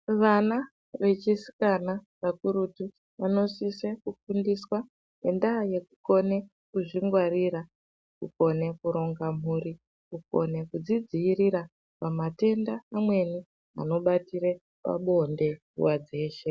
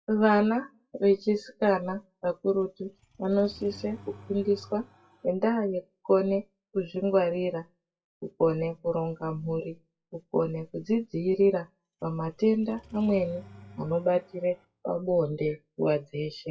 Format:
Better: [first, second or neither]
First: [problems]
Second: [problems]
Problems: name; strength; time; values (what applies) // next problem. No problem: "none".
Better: first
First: none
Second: noise reduction (classical method WPE with log-MMSE)